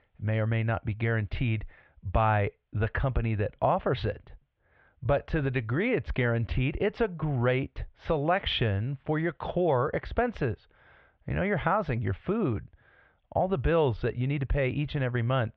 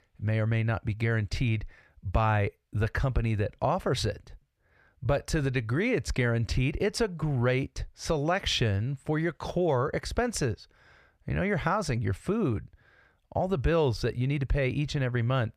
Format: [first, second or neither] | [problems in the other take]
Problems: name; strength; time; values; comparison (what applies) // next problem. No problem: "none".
second | muffled; very; fading above 3.5 kHz